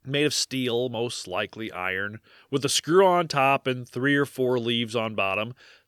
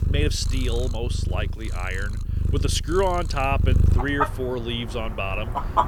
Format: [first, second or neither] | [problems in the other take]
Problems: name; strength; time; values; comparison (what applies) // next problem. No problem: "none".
first | animal sounds; very loud; throughout; 2 dB above the speech